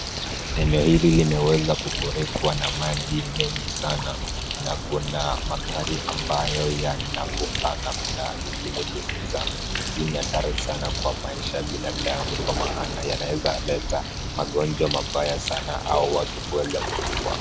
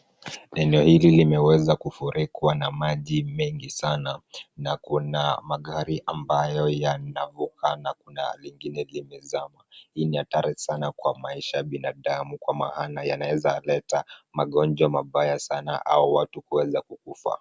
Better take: second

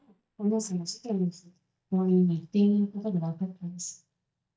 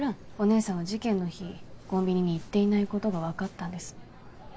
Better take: second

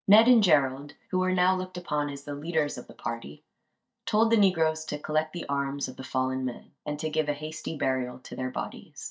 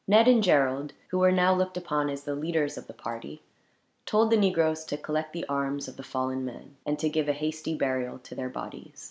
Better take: second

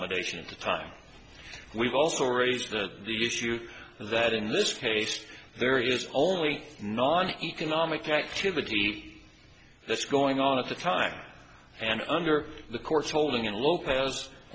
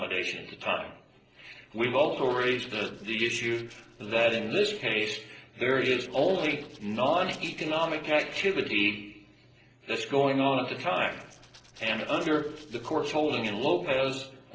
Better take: first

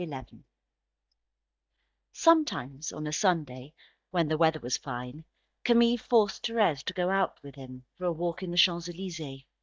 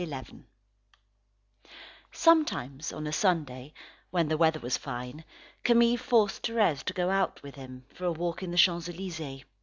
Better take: second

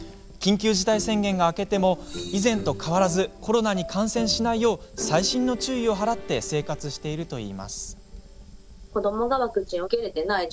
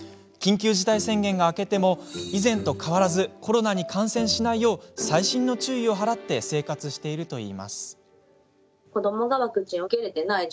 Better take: second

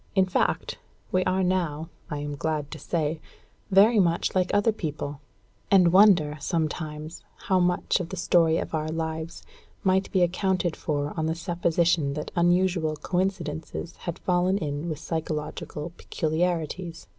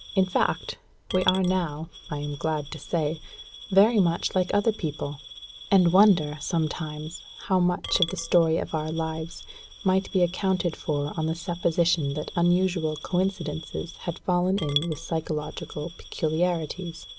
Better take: first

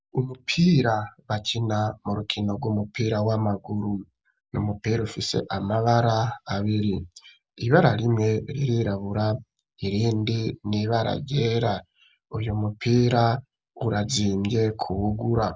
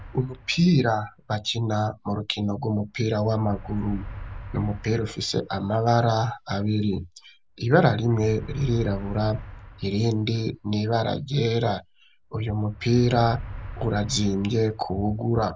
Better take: first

